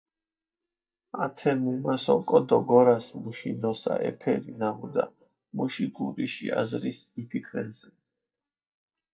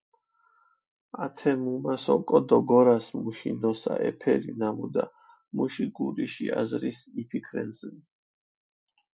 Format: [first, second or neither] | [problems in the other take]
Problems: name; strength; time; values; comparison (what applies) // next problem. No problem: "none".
second | noise reduction (neural mask model DeepFilterNet 3)